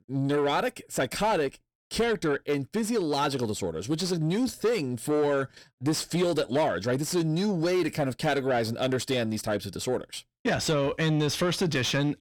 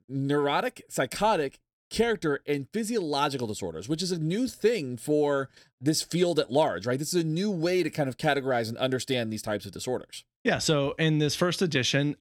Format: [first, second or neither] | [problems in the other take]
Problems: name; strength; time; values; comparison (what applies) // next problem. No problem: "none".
second | distortion; slight; 10 dB below the speech